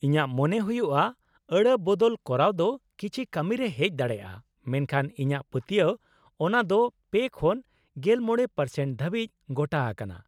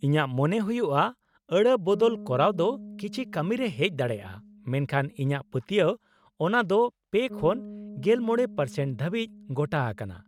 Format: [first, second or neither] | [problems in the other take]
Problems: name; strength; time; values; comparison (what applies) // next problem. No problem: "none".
first | noise reduction (neural mask model RNNoise)